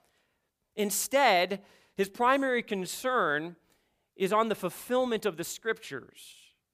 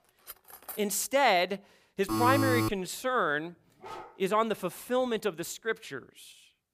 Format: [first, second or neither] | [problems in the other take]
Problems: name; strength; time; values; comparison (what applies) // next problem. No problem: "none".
first | clattering dishes; faint; at 0.5 s; peak 15 dB below the speech // alarm; loud; at 2 s; peak 2 dB above the speech // dog barking; faint; at 4 s; peak 15 dB below the speech